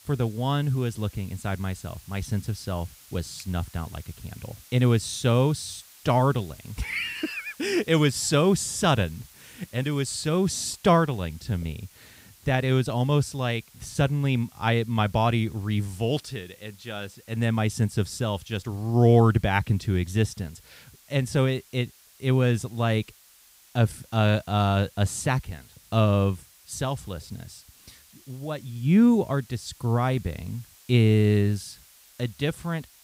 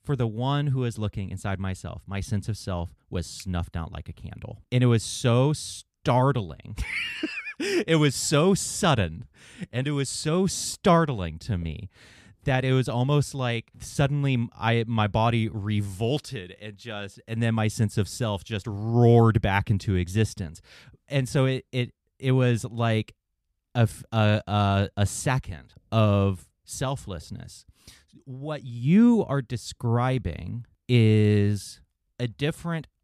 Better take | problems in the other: second | hiss; faint; throughout; 25 dB below the speech

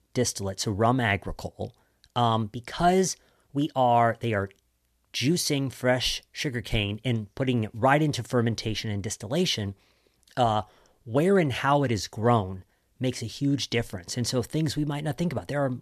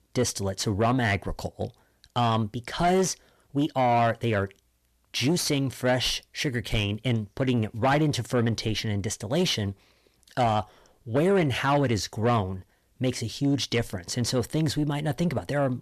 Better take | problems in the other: first | distortion; slight; 10 dB below the speech

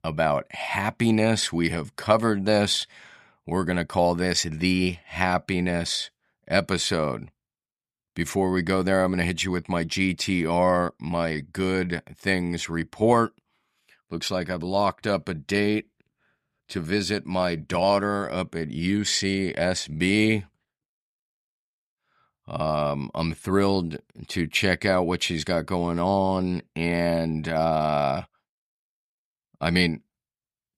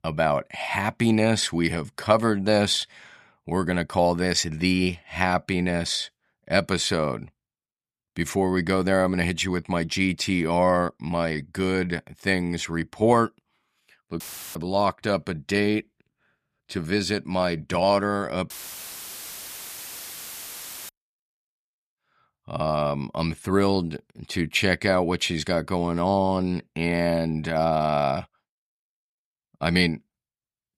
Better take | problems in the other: first | audio cutting out; filled with static; at 14 s and at 19 s for 2.5 s

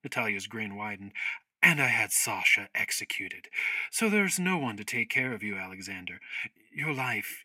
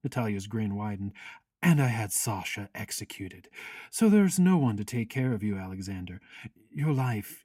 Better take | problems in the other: second | thin; somewhat; fading below 650 Hz

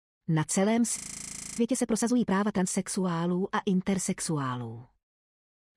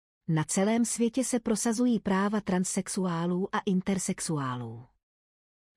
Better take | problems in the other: second | audio freezing; at 1 s for 0.5 s

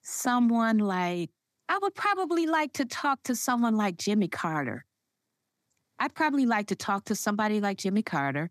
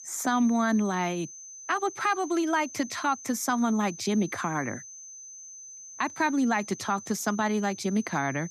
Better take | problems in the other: first | high-pitched whine; noticeable; throughout; 6 kHz, 15 dB below the speech

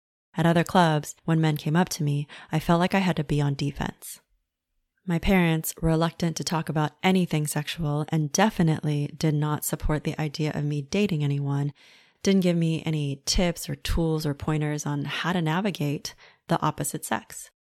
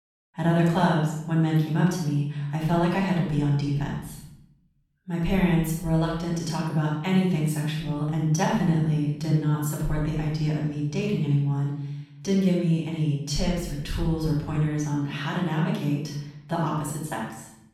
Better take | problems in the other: first | off-mic speech; far // room echo; noticeable; dies away in 0.8 s

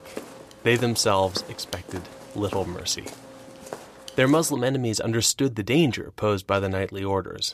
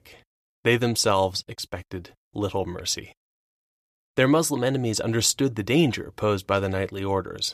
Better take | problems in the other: second | footsteps; faint; until 4.5 s; peak 15 dB below the speech

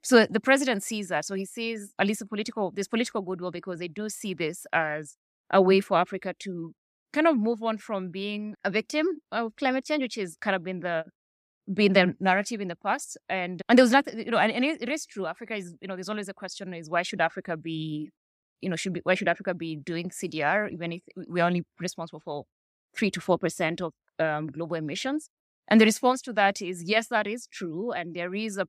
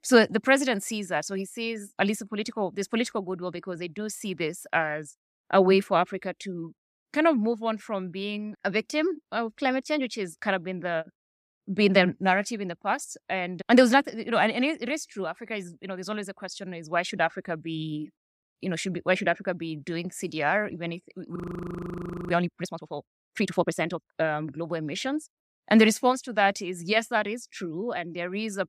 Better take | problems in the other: first | audio freezing; at 21 s for 1 s

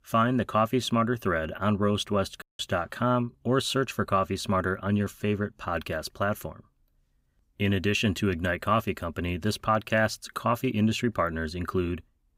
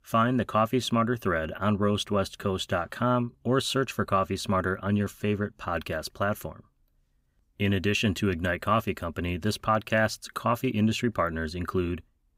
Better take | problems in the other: second | audio cutting out; at 2.5 s

